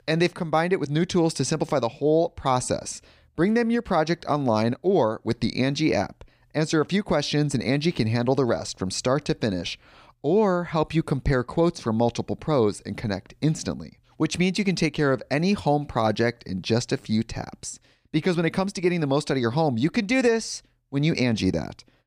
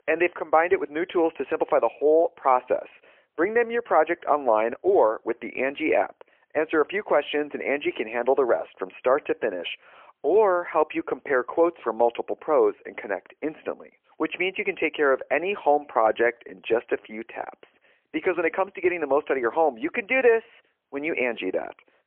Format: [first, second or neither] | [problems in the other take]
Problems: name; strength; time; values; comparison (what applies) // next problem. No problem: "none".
first | phone-call audio; poor line